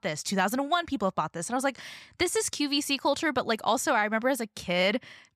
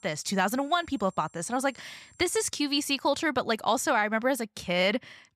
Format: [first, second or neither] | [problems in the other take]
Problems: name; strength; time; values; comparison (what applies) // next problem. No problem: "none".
first | high-pitched whine; faint; until 2.5 s; 7.5 kHz, 30 dB below the speech